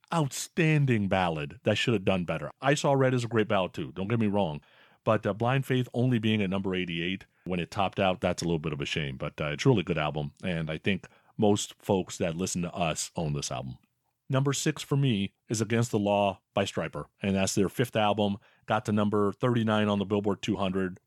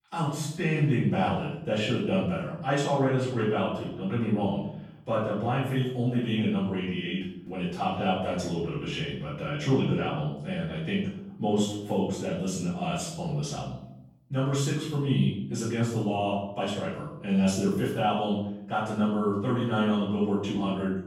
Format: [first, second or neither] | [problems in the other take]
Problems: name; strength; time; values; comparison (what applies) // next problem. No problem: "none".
first | room echo; noticeable; dies away in 0.7 s // off-mic speech; far